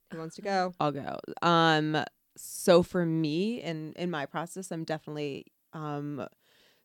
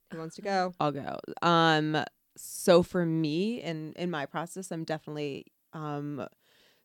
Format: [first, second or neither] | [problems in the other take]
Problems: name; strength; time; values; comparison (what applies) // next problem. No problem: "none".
neither | none